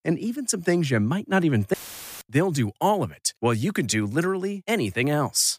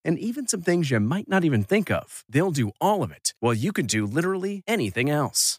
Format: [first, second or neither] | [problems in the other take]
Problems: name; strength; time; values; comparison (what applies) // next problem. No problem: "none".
second | audio cutting out; filled with static; at 1.5 s